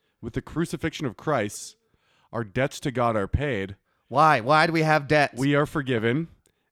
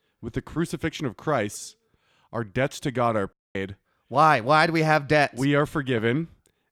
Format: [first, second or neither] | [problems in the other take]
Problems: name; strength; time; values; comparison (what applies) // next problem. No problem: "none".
first | audio cutting out; at 3.5 s